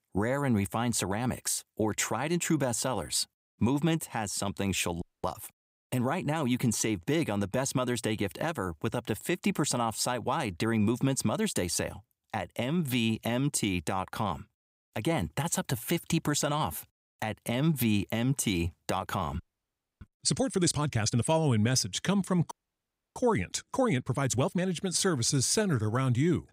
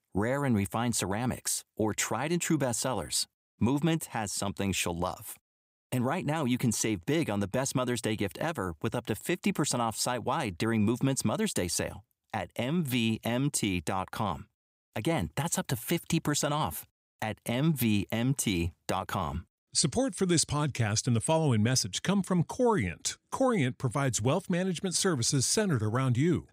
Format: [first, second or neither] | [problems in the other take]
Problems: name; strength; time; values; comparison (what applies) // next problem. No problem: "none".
second | audio freezing; at 5 s, at 19 s for 0.5 s and at 23 s for 0.5 s